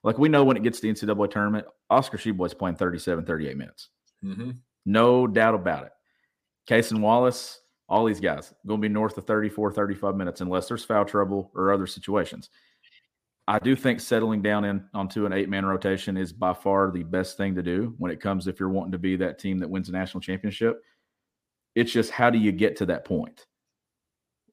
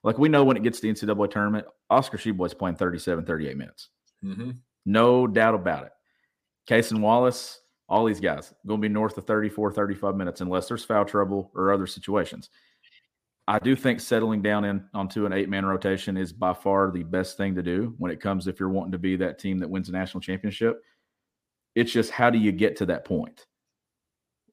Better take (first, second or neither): neither